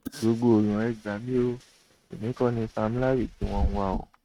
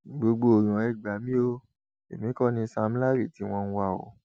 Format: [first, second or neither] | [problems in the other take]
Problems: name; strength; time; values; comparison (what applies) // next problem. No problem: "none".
second | noise reduction (neural mask model RNNoise)